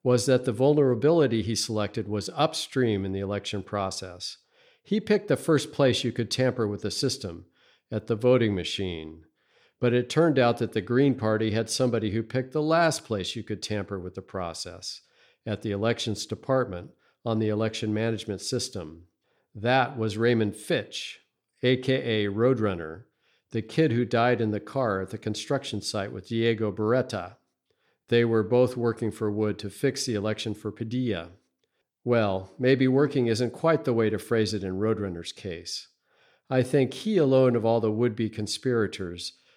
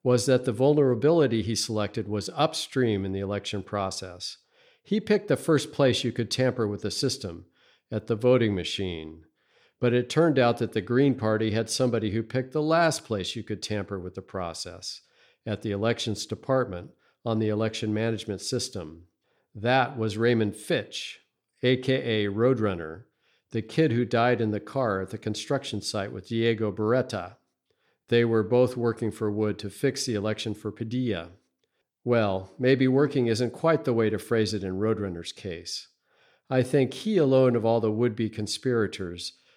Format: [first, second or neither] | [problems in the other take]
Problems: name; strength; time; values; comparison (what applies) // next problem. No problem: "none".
neither | none